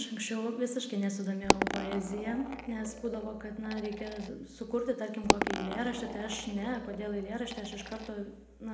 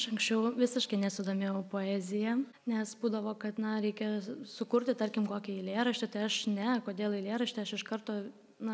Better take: second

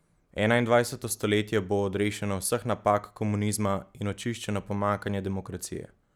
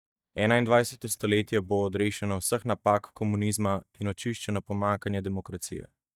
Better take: first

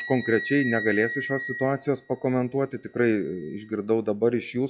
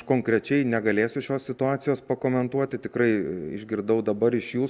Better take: second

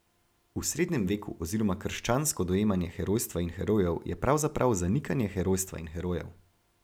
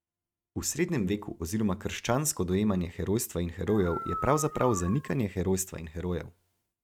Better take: first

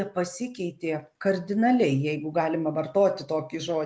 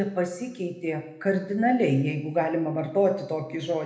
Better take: first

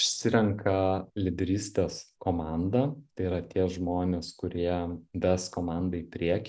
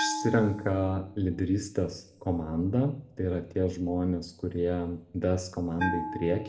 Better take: first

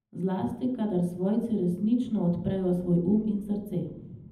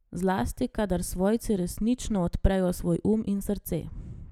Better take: second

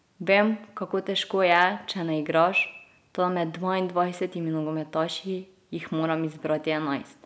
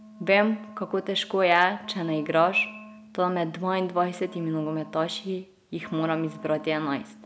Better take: first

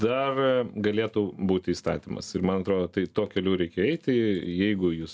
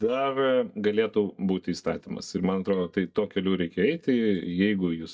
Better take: first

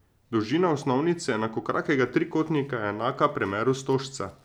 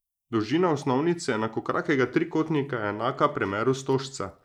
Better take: first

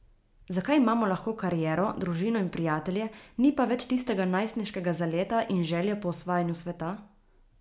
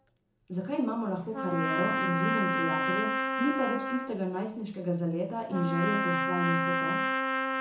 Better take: first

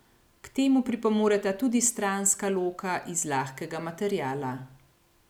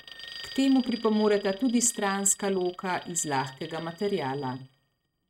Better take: first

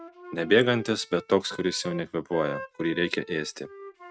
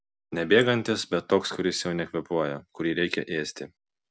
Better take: second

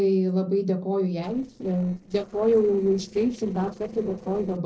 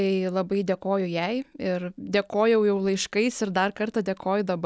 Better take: second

